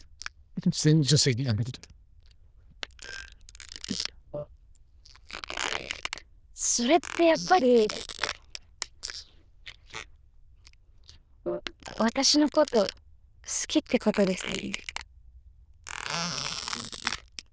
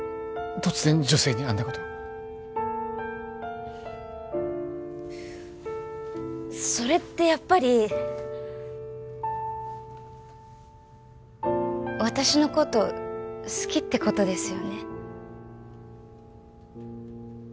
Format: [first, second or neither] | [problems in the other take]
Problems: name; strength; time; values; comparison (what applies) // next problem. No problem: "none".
second | noise reduction (neural diffusion model UNIVERSE++)